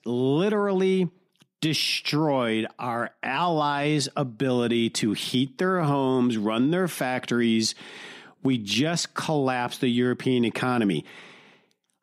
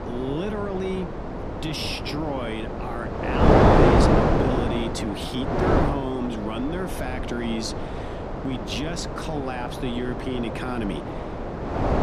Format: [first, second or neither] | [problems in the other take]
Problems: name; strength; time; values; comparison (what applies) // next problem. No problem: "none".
first | wind noise on the microphone; heavy; 5 dB above the speech